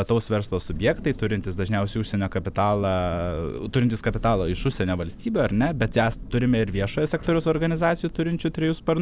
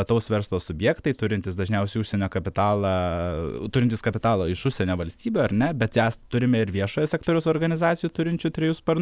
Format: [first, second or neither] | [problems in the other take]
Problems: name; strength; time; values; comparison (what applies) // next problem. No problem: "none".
second | background sound (Thunder); 13 dB below the speech